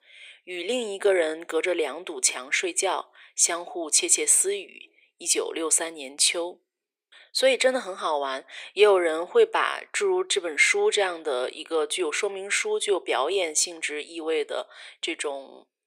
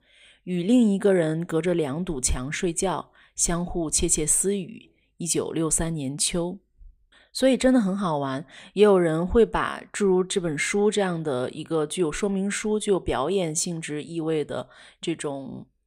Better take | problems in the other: second | thin; very; fading below 400 Hz

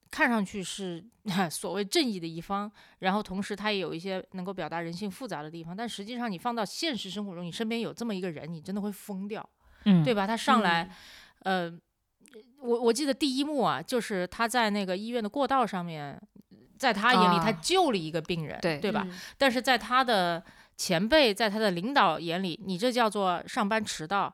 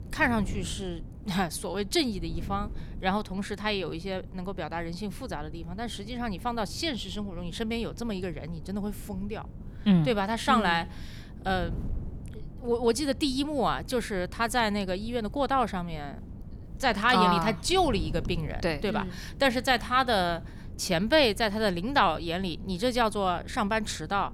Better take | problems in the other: first | wind noise on the microphone; occasional gusts; 25 dB below the speech

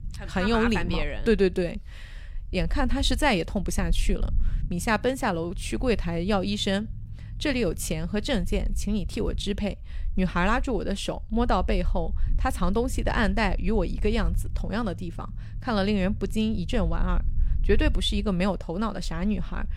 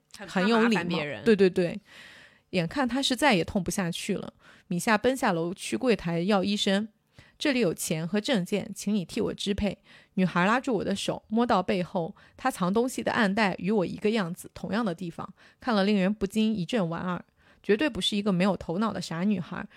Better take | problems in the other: second | low rumble; faint; throughout; 25 dB below the speech

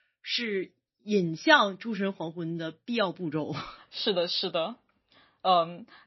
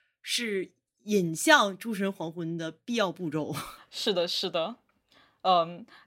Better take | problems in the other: second | garbled, watery; slightly; nothing above 5.5 kHz

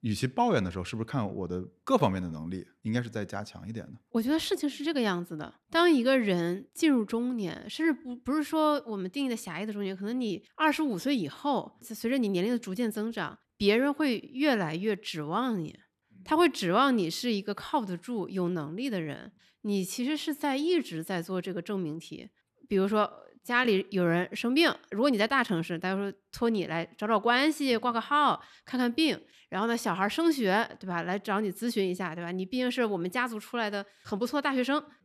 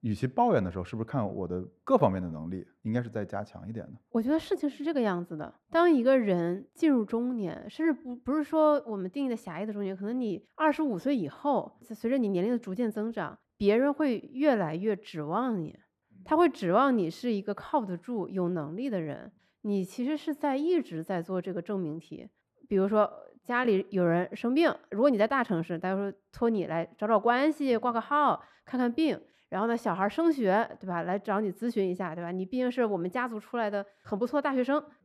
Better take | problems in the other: first | muffled; slightly; fading above 2 kHz

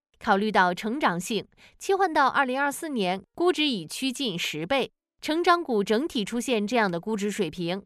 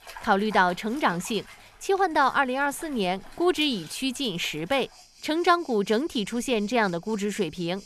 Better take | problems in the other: first | rain or running water; faint; throughout; 20 dB below the speech

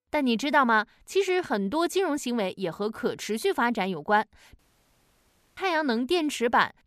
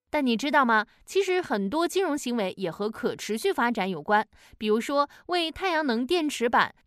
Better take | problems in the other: second | audio cutting out; at 4.5 s for 1 s

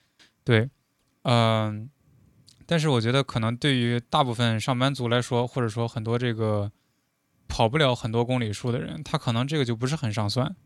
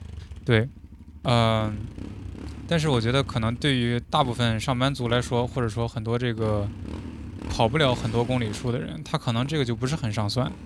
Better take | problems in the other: first | traffic noise; noticeable; throughout; 15 dB below the speech

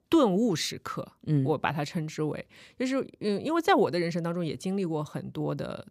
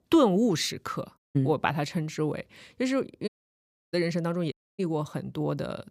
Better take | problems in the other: first | audio cutting out; at 1 s, at 3.5 s for 0.5 s and at 4.5 s

